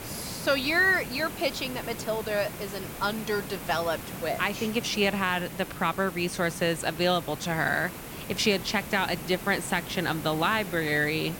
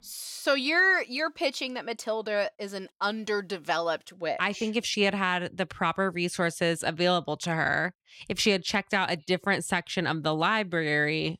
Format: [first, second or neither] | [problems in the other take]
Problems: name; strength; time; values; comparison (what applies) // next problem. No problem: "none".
second | hiss; noticeable; throughout; 10 dB below the speech